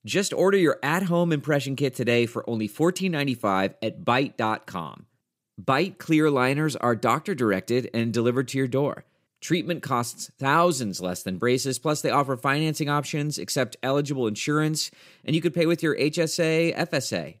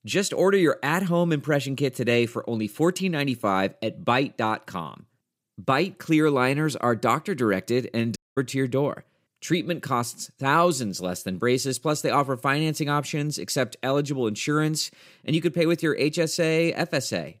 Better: first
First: none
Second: audio cutting out; at 8 s

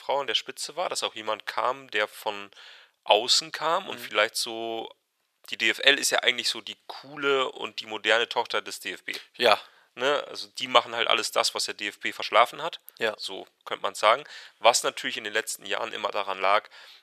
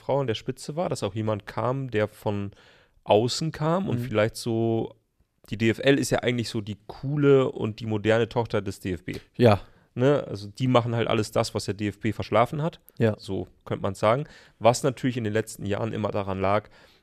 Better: second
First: thin; very; fading below 900 Hz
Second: none

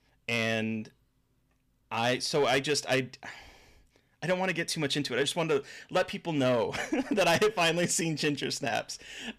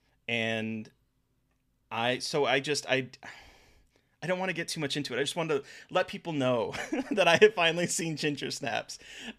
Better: second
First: distortion; heavy; 4% of the sound clipped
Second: none

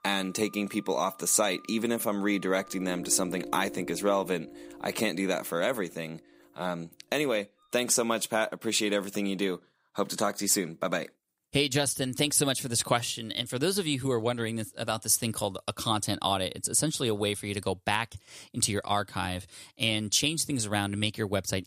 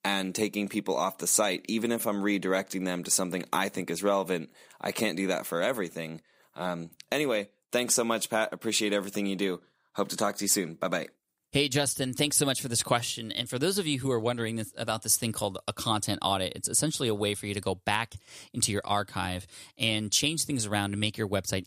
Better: second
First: background music; noticeable; until 8 s; 15 dB below the speech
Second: none

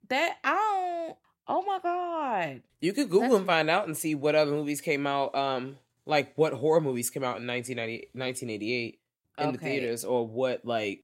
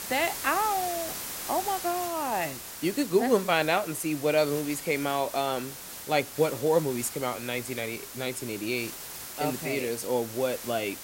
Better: first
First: none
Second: hiss; loud; throughout; 8 dB below the speech

